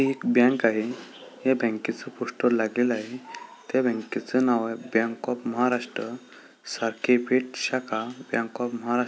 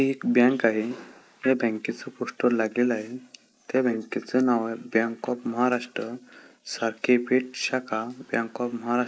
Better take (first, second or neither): first